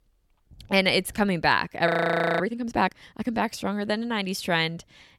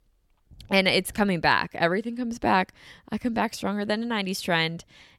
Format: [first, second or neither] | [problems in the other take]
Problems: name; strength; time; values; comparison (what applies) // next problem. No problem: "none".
second | audio freezing; at 2 s for 0.5 s